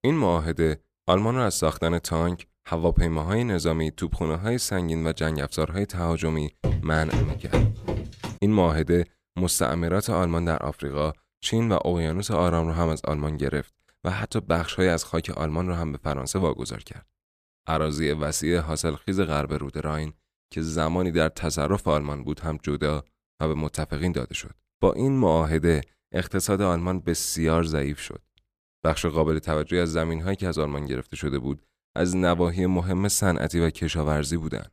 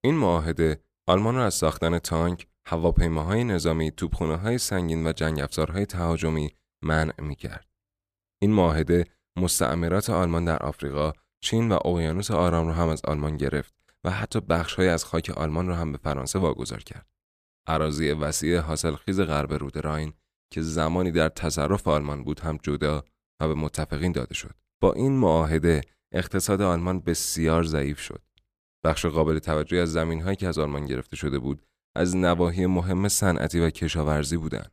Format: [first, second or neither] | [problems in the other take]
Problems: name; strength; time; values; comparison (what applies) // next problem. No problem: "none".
second | footsteps; loud; from 6.5 to 8.5 s; peak 2 dB above the speech